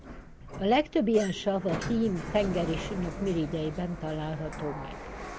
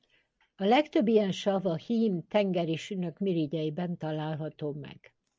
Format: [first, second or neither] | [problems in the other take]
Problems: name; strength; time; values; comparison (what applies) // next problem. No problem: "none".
second | background sound (Sliding door); 9 dB below the speech